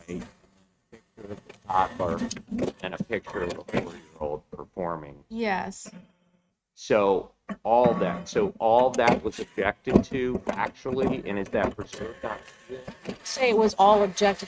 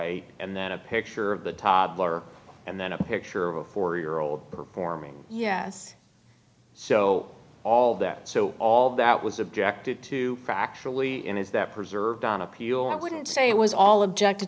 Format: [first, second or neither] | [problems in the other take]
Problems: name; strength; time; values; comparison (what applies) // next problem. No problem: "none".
second | noise reduction (neural mask model RNNoise)